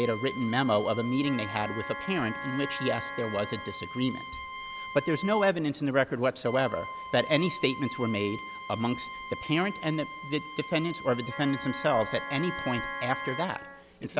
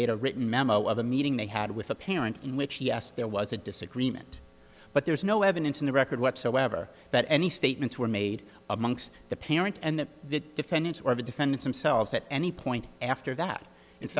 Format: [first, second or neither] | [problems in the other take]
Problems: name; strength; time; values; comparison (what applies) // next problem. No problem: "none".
second | background sound (Bowed string instrument + Wind instrument, woodwind instrument); 9 dB below the speech